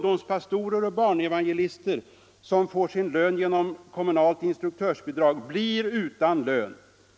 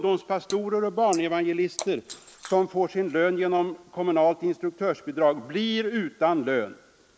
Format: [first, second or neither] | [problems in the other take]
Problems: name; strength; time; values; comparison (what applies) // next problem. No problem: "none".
first | noise reduction (neural mask model Resemble Enhance denoiser)